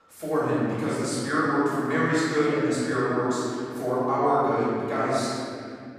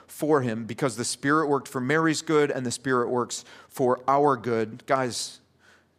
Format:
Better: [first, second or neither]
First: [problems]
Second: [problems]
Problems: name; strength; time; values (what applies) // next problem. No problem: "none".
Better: second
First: off-mic speech; far // room echo; strong; dies away in 2.5 s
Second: none